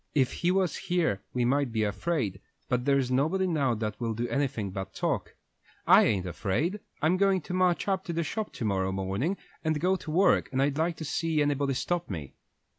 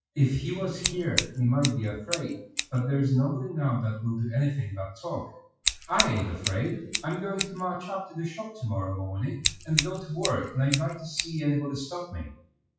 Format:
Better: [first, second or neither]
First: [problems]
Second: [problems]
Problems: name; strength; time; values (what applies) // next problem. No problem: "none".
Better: first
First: none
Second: noise reduction (classical method WPE with log-MMSE)